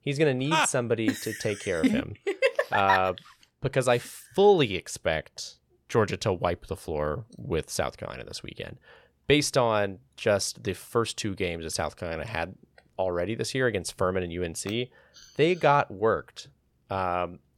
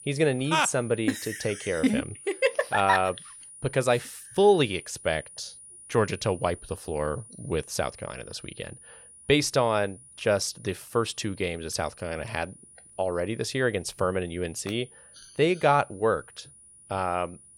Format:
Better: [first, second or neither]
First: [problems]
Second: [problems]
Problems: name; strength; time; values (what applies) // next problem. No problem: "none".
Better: first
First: none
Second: high-pitched whine; noticeable; throughout; 9.5 kHz, 20 dB below the speech